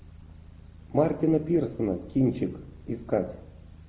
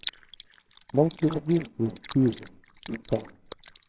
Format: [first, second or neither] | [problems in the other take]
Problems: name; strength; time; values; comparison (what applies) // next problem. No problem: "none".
first | noise reduction (neural separator model SepFormer WHAMR!)